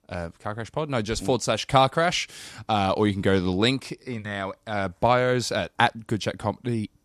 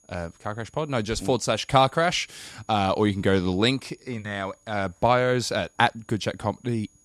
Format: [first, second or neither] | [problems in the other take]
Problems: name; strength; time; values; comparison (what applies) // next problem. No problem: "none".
first | high-pitched whine; faint; throughout; 6.5 kHz, 35 dB below the speech